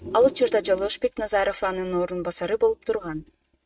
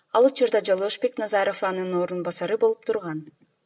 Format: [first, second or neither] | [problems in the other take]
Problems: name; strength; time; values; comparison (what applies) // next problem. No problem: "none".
second | noise reduction (neural mask model RNNoise)